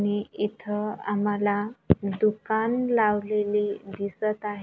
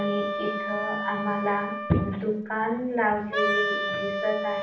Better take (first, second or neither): first